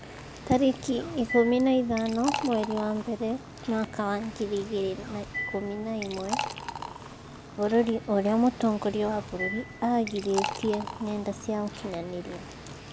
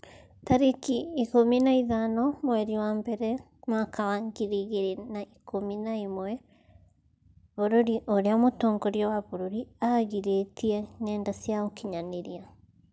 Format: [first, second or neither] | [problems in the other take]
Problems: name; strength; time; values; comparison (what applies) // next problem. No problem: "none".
second | background sound (Liquid); 10 dB below the speech